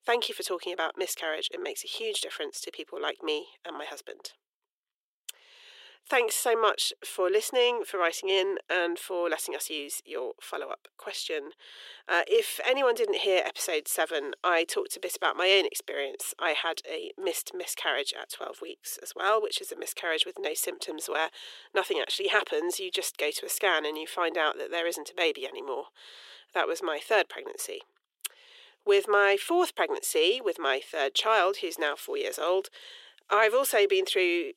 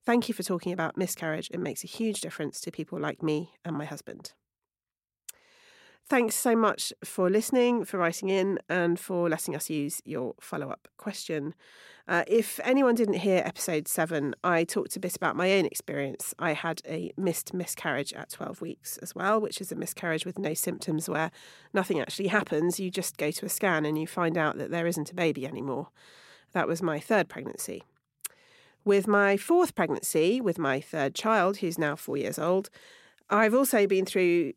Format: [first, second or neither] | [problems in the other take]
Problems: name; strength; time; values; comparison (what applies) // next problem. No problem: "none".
second | thin; very; fading below 400 Hz